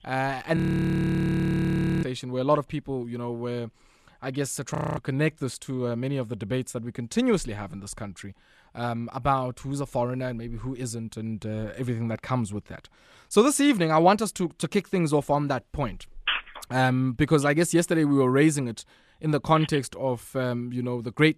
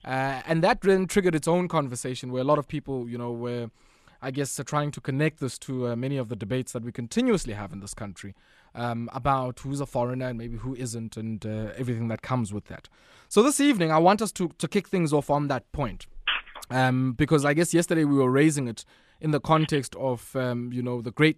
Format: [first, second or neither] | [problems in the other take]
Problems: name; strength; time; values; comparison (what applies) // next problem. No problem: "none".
second | audio freezing; at 0.5 s for 1.5 s and at 5 s